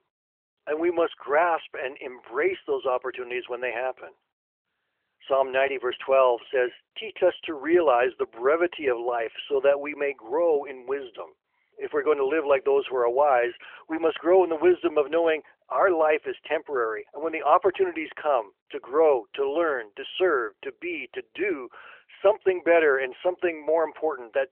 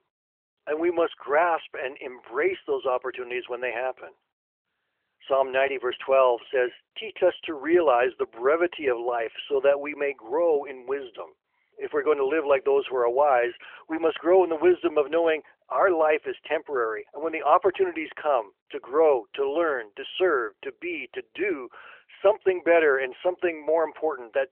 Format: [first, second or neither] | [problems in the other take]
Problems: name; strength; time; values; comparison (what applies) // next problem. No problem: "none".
neither | phone-call audio; nothing above 3 kHz; the same in both